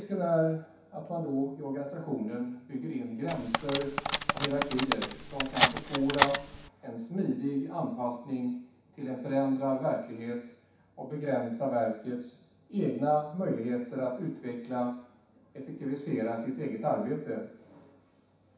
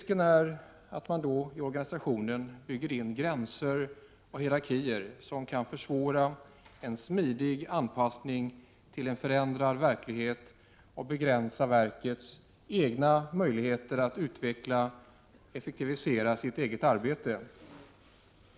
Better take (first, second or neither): second